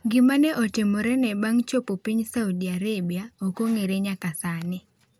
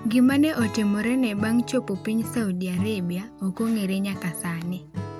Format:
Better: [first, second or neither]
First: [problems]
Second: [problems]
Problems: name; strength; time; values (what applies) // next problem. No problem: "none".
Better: first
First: none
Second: background sound (Acoustic guitar / Strum); 12 dB below the speech